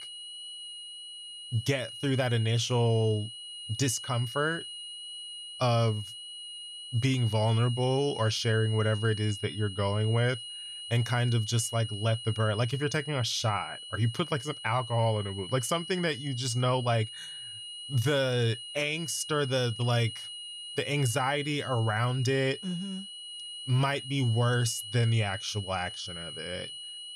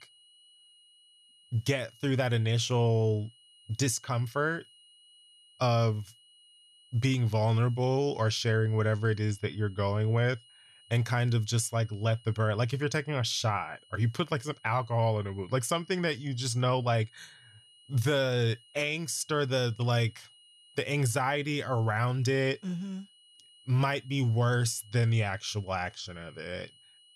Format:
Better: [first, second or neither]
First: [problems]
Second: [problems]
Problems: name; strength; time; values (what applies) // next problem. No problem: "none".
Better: second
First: high-pitched whine; loud; throughout; 3 kHz, 10 dB below the speech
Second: high-pitched whine; faint; throughout; 3 kHz, 25 dB below the speech